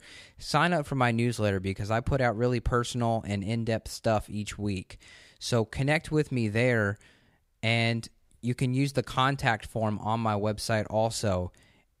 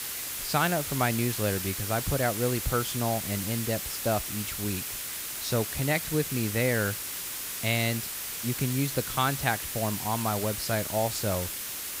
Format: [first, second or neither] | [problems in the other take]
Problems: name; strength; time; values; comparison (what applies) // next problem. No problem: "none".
first | hiss; loud; throughout; 3 dB below the speech